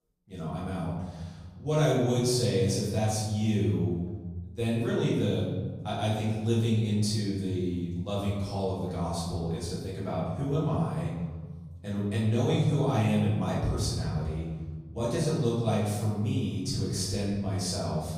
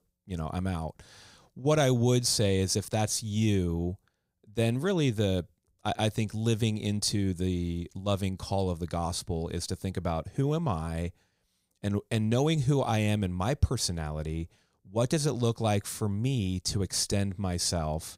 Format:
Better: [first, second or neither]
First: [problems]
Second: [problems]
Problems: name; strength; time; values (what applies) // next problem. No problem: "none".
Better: second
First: room echo; noticeable; dies away in 1.5 s // off-mic speech; far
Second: none